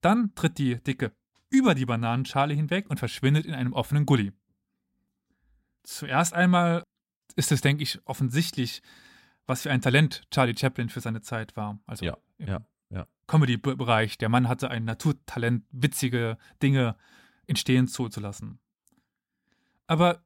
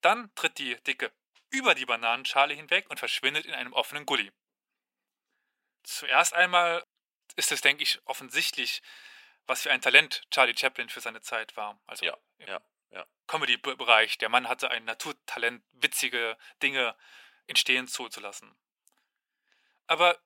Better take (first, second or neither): first